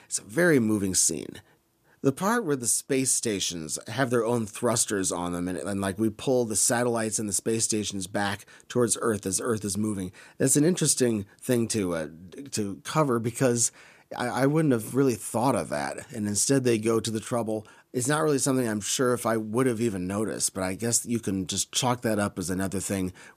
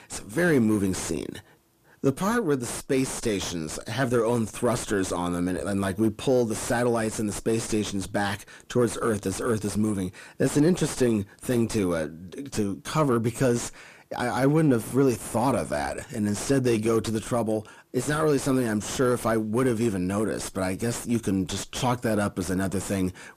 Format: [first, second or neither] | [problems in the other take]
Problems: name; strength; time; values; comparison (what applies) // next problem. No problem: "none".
first | distortion; heavy; 5 dB below the speech